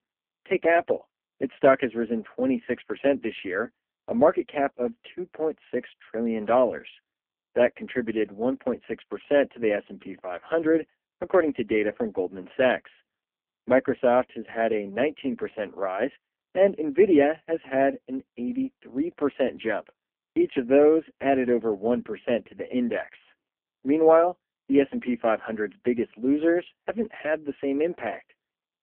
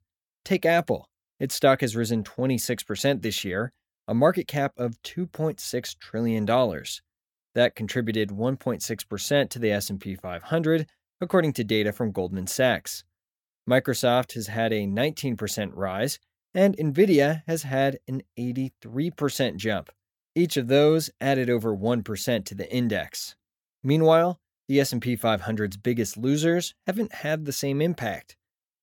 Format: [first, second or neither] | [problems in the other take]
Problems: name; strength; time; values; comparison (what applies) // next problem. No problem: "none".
second | phone-call audio; poor line